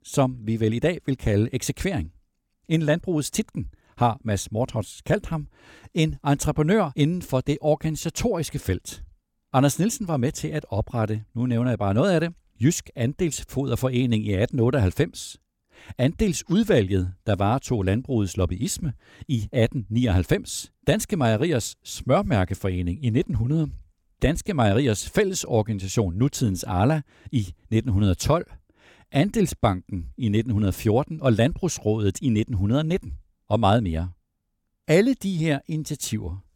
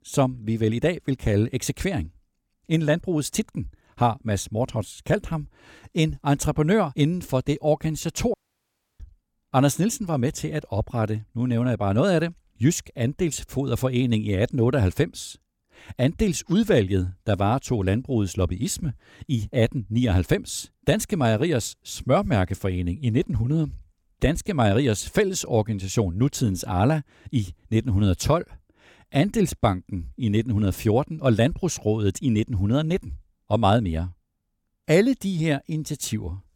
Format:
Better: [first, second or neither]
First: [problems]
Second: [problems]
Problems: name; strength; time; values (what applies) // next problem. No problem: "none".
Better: first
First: none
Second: audio cutting out; at 8.5 s for 0.5 s